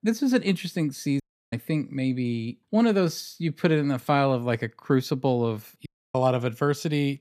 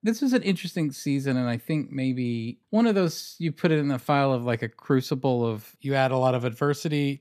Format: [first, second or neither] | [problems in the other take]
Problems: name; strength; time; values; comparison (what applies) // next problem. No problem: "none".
second | audio cutting out; at 1 s and at 6 s